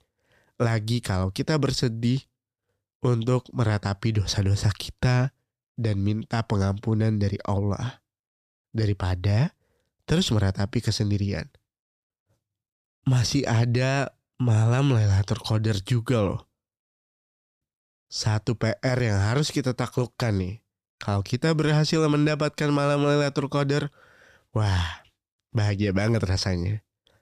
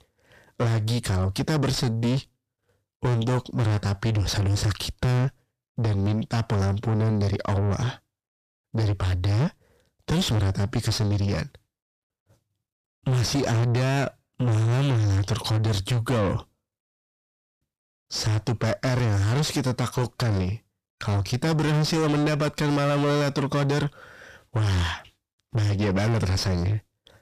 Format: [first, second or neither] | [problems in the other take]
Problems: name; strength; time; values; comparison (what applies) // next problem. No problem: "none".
first | distortion; heavy; 7 dB below the speech